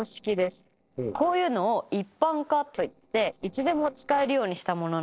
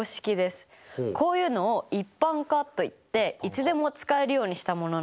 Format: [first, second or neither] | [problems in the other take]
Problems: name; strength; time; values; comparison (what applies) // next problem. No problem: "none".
second | noise reduction (neural separator model SepFormer DNS4)